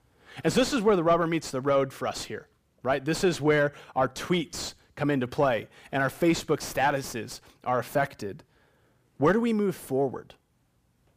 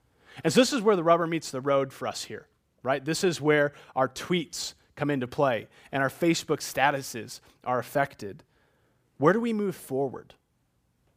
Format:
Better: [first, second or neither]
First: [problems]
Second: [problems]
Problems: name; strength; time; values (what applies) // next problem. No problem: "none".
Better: second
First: distortion; slight; 10 dB below the speech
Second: none